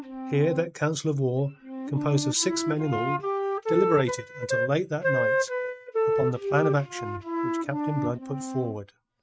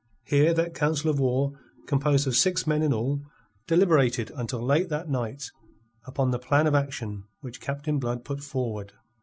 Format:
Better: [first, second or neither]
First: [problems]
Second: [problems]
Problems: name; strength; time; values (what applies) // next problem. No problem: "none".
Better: second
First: noise reduction (neural mask model RNNoise)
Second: none